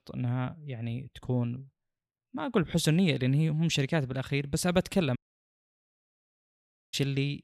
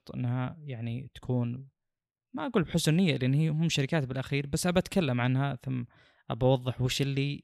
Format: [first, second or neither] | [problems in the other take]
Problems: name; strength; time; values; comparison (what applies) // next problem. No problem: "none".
second | audio cutting out; at 5 s for 2 s